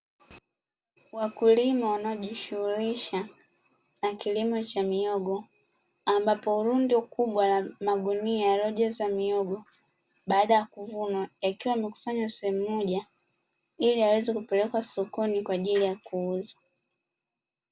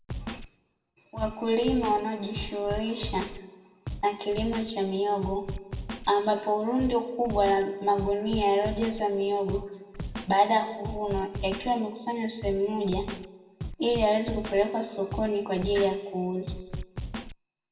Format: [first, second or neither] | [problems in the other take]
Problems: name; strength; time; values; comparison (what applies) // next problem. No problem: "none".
first | background sound (Scratching (performance technique)); 10 dB below the speech // room echo; dies away in 0.9 s